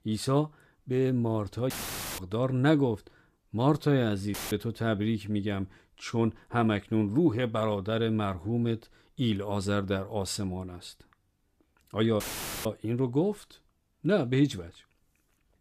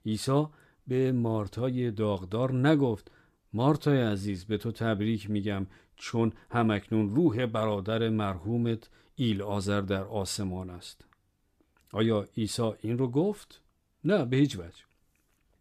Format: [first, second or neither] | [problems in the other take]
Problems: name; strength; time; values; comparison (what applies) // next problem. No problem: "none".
second | audio cutting out; filled with static; at 1.5 s, at 4.5 s and at 12 s